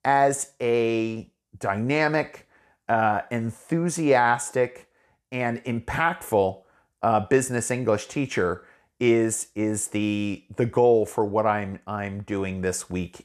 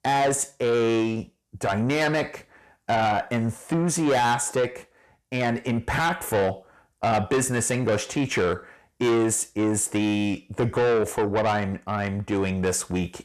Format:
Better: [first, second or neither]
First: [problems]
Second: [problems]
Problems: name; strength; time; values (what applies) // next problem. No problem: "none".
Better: first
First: none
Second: distortion; heavy; 7 dB below the speech